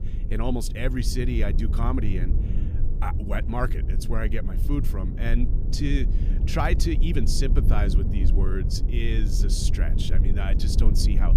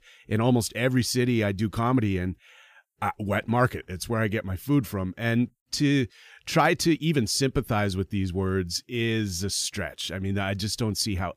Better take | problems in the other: second | low rumble; loud; throughout; 9 dB below the speech

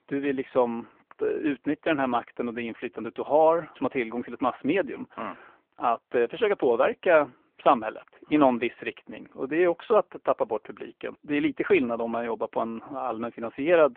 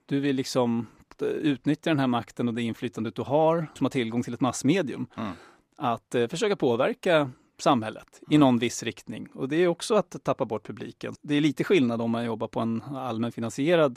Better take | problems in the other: second | phone-call audio

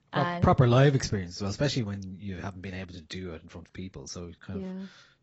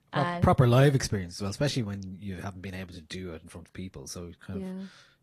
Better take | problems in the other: second | garbled, watery; badly; nothing above 7.5 kHz; slightly in the second

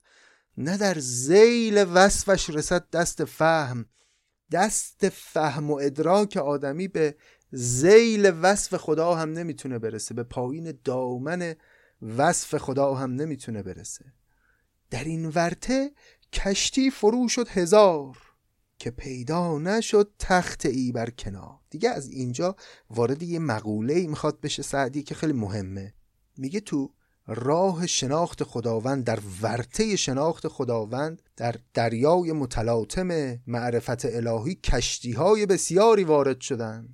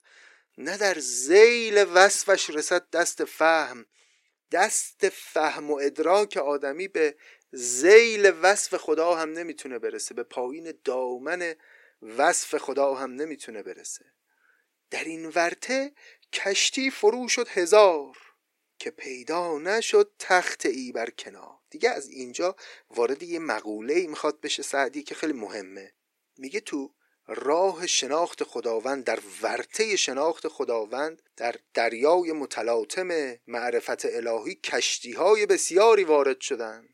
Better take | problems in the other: first | thin; somewhat; fading below 350 Hz

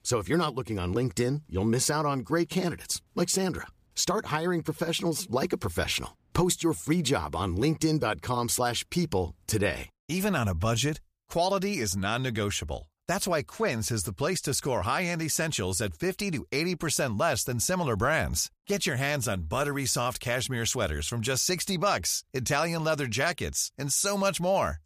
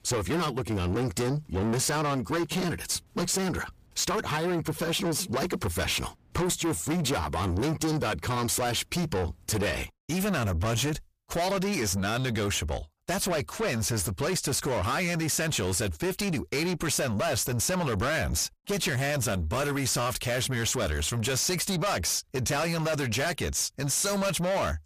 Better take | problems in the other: first | distortion; heavy; 7 dB below the speech

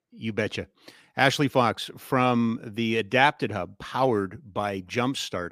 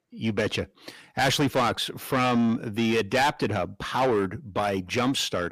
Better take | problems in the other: first | distortion; heavy; 6 dB below the speech

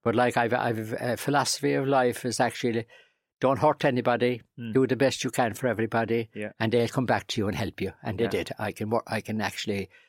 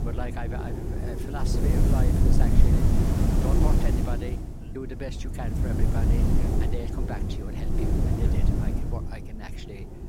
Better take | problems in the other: first | wind noise on the microphone; heavy; 4 dB above the speech

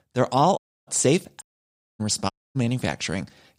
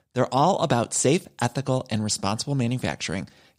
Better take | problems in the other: second | audio cutting out; at 0.5 s, at 1.5 s for 0.5 s and at 2.5 s

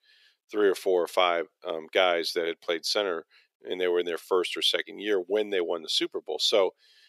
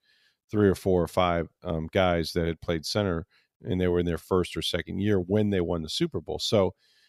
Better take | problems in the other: second | thin; very; fading below 400 Hz

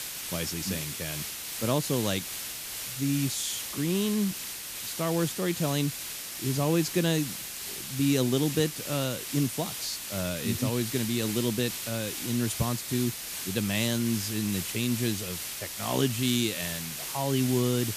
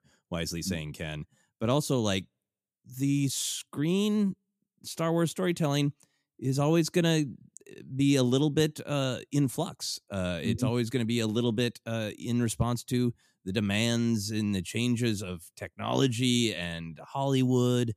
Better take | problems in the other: second | hiss; loud; throughout; 4 dB below the speech

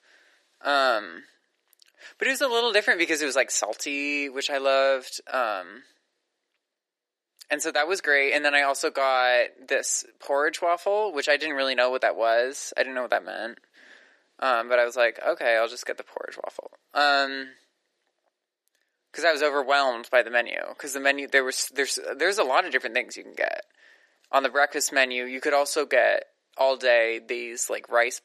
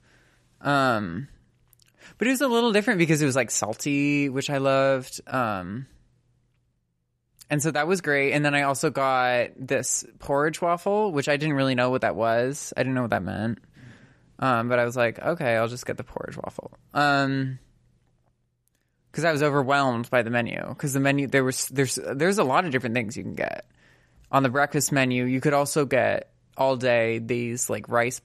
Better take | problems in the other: second | thin; very; fading below 350 Hz

